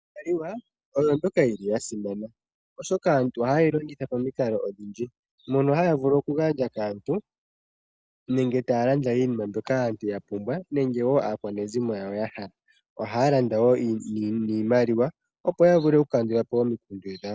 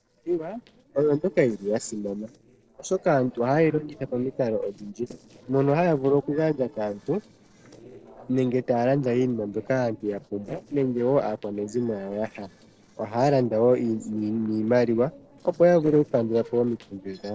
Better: first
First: none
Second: noise reduction (neural separator model SepFormer DNS4)

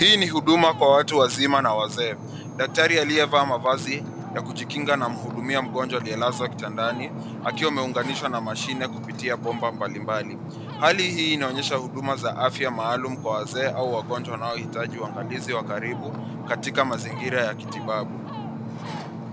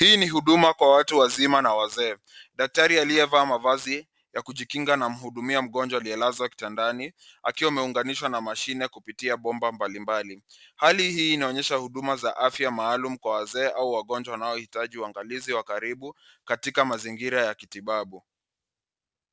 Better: second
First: background sound (Ocean); 9 dB below the speech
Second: none

